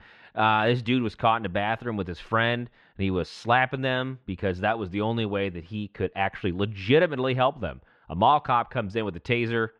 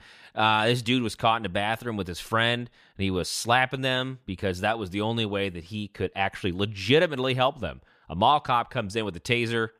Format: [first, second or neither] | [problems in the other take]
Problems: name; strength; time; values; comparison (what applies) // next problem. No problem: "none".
second | muffled; slightly; fading above 2.5 kHz